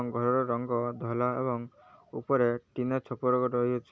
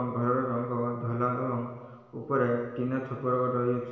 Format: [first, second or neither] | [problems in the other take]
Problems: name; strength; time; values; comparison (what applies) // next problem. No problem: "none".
first | room echo; dies away in 1.1 s